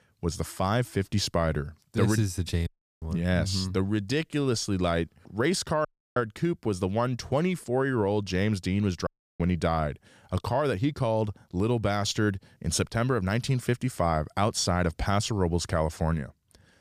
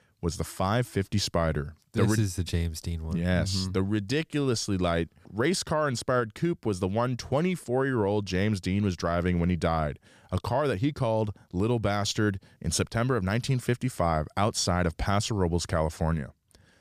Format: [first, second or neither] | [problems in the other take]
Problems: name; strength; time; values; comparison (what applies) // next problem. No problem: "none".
second | audio cutting out; at 2.5 s, at 6 s and at 9 s